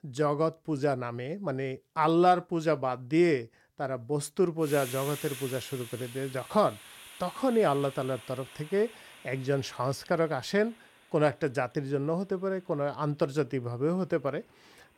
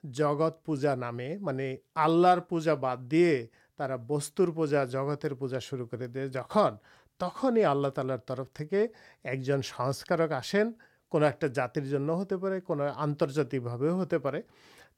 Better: second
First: hiss; noticeable; from 4.5 s on; 15 dB below the speech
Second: none

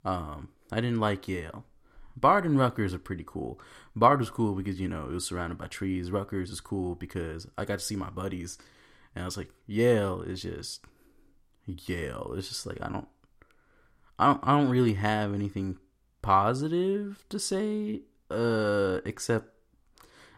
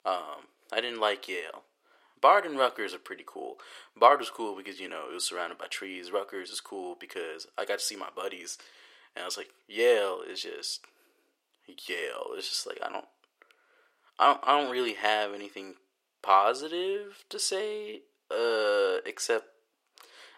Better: first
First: none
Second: thin; very; fading below 450 Hz

